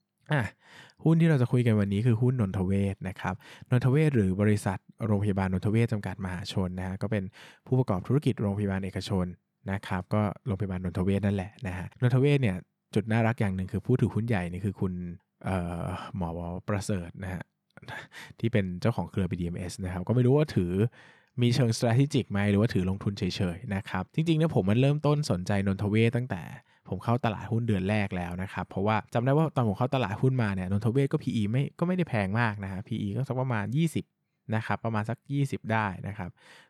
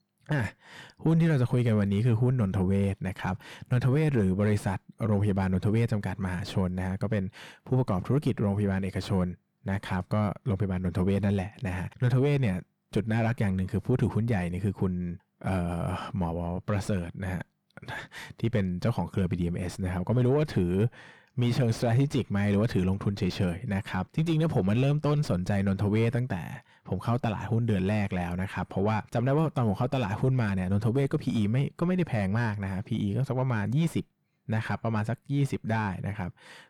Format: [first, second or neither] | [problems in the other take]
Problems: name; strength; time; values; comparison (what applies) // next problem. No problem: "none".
first | distortion; slight; 9 dB below the speech